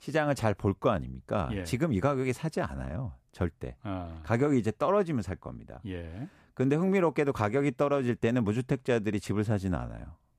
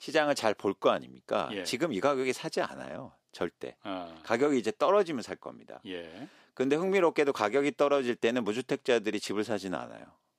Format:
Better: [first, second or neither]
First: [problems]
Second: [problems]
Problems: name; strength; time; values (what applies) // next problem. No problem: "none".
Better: first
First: none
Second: thin; somewhat; fading below 350 Hz